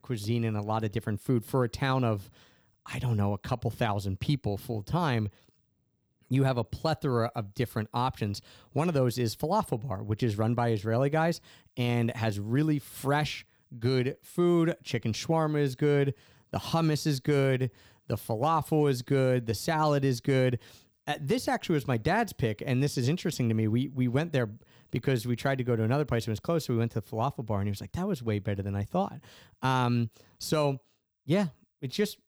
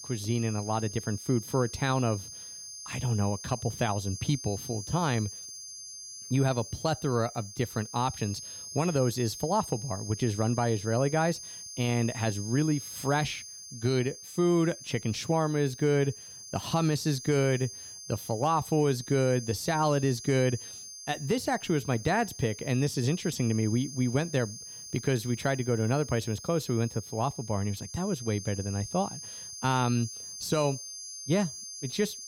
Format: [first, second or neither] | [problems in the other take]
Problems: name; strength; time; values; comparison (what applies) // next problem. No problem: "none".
first | high-pitched whine; noticeable; throughout; 6.5 kHz, 10 dB below the speech